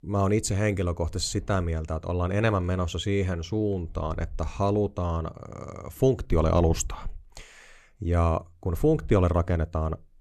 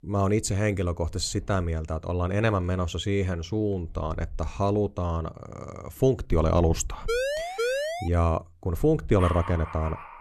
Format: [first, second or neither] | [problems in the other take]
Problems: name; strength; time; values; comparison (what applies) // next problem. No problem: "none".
first | siren; noticeable; from 7 to 8 s; peak 1 dB below the speech // dog barking; noticeable; from 9 s on; peak 8 dB below the speech